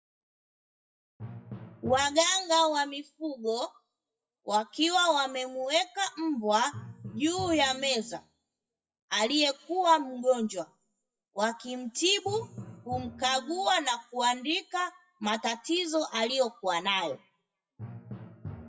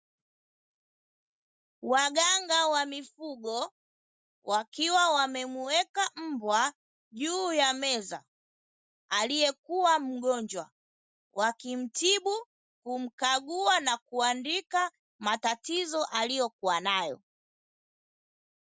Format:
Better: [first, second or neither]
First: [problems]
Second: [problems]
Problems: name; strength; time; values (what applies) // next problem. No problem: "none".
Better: second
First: noise reduction (classical method WPE with log-MMSE)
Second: none